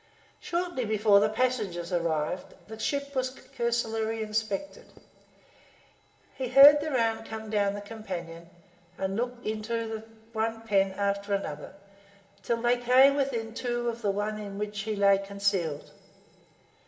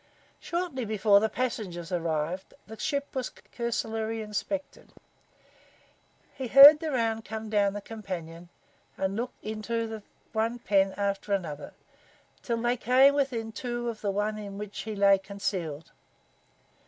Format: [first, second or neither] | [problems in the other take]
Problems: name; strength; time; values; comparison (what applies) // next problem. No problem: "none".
second | room echo; dies away in 2.6 s